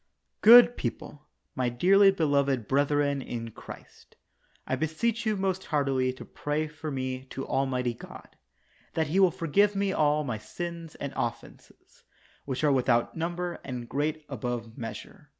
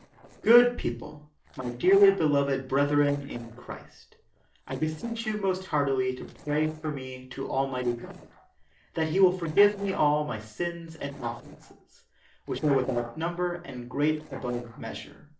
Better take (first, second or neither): first